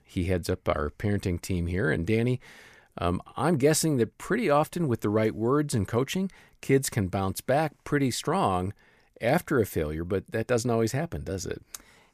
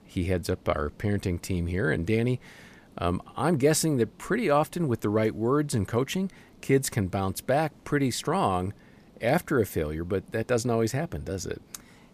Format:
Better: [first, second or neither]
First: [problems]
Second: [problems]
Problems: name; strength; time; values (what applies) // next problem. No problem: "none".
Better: first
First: none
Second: hiss; faint; throughout; 30 dB below the speech